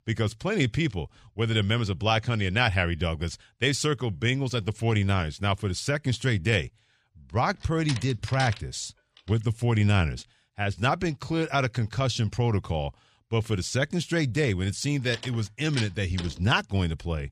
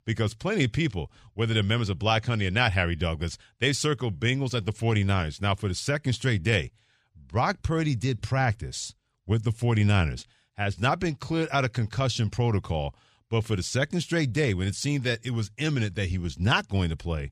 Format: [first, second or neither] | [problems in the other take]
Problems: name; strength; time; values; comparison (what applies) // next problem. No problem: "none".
second | door banging; noticeable; from 7.5 to 16 s; peak 9 dB below the speech